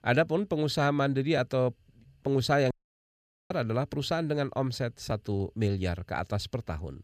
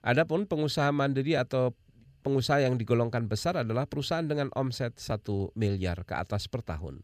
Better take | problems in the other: second | audio cutting out; at 2.5 s for 1 s

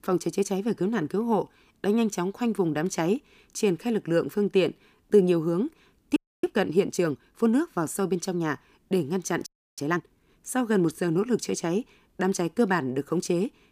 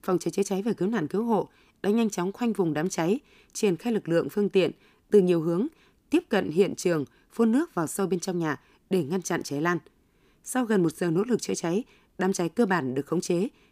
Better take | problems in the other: second | audio freezing; at 6 s and at 9.5 s

